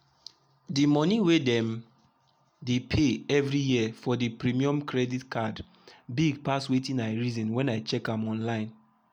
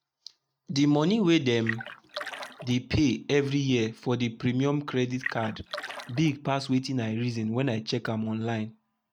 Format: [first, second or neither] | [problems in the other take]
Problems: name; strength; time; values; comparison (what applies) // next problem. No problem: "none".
first | noise reduction (neural mask model RNNoise)